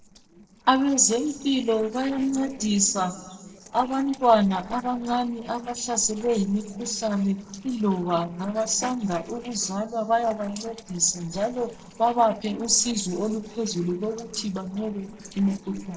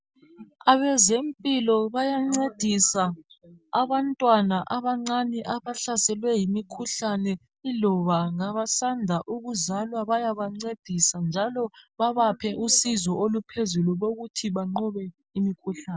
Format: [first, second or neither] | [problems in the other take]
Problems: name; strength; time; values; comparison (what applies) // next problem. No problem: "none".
second | noise reduction (neural separator model SepFormer DNS4)